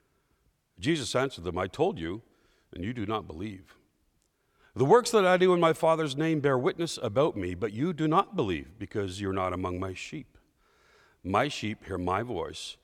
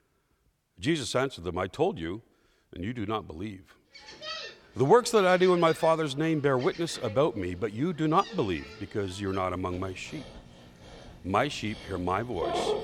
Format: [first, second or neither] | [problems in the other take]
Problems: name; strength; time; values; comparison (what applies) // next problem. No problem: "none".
first | animal sounds; noticeable; from 4 s on; 15 dB below the speech